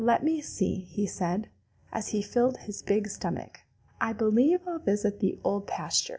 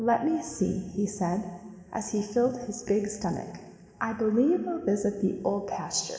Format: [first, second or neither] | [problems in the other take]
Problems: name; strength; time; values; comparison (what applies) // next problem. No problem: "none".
first | room echo; dies away in 2.4 s